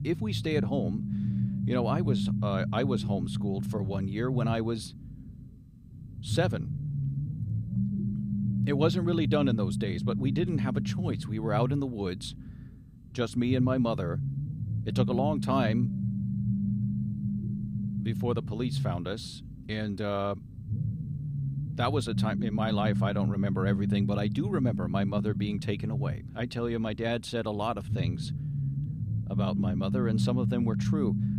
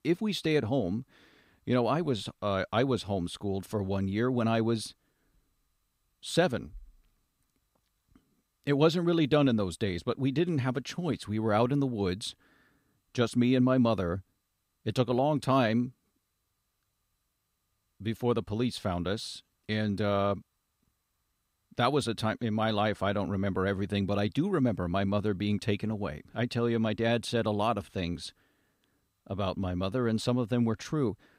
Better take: second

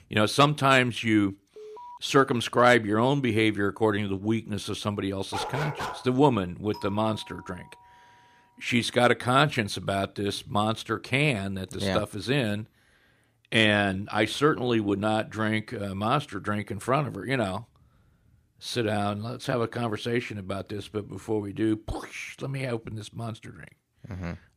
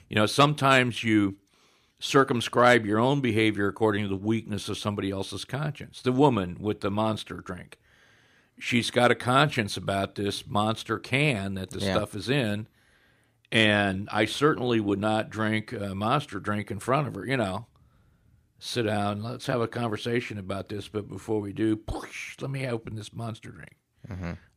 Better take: second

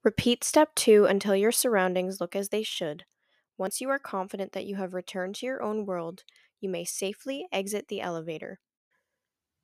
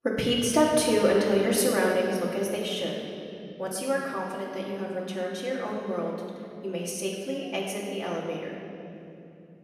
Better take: first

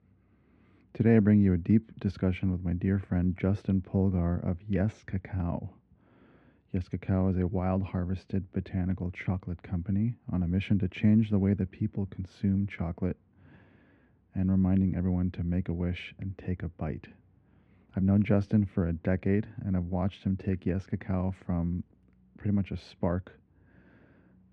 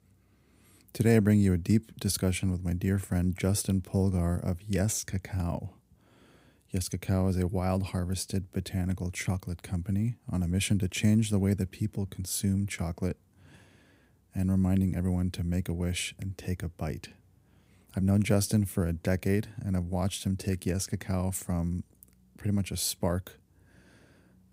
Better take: second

